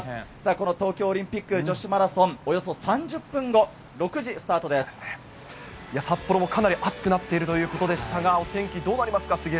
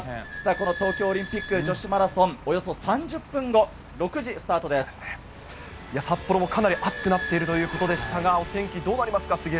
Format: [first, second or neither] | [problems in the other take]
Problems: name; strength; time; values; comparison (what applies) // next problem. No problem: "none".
first | background sound (Squeak / Idling); 13 dB below the speech